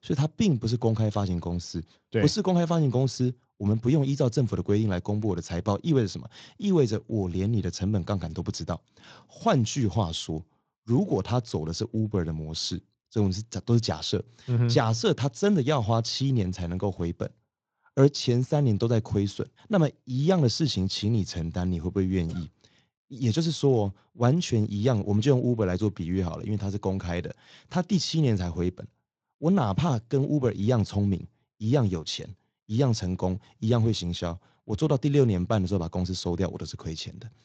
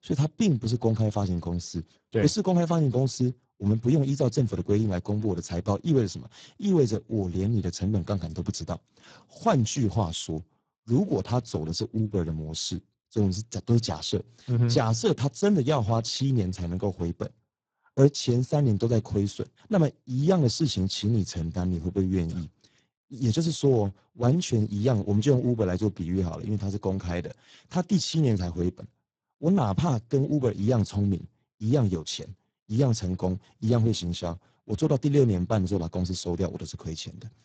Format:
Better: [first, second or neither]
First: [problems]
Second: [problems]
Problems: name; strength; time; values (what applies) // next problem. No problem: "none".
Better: first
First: garbled, watery; slightly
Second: garbled, watery; badly; nothing above 7.5 kHz